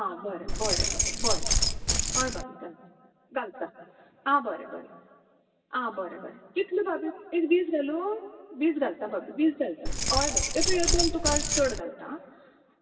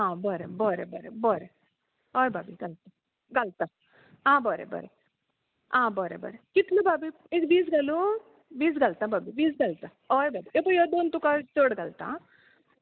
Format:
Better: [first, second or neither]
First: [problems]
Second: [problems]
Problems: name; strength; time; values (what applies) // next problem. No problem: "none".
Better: second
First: background sound (Keys jangling); 5 dB above the speech // room echo; dies away in 1.7 s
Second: none